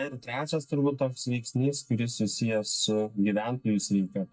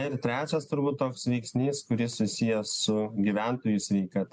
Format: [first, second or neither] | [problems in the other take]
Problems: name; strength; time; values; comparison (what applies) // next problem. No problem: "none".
second | noise reduction (neural mask model DeepFilterNet 3)